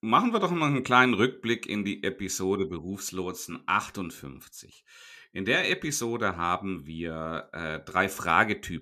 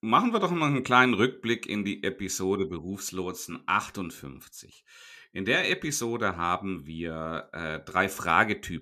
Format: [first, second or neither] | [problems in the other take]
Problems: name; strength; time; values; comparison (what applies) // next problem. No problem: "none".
neither | none